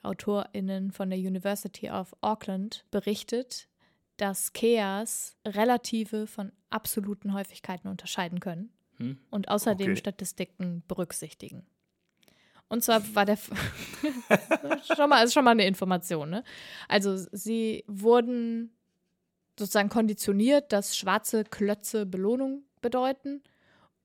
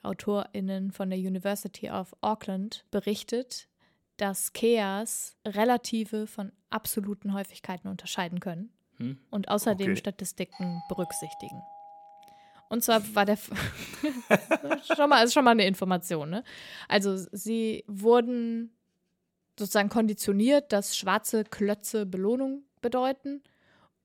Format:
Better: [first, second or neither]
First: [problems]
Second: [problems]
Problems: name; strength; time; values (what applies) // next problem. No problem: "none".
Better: first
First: none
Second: doorbell; faint; from 11 to 13 s; peak 15 dB below the speech